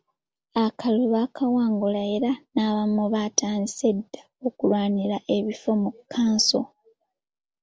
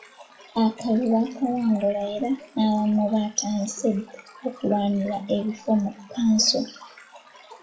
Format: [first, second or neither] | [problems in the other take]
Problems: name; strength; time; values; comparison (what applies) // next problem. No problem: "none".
first | noise reduction (classical method WPE with log-MMSE)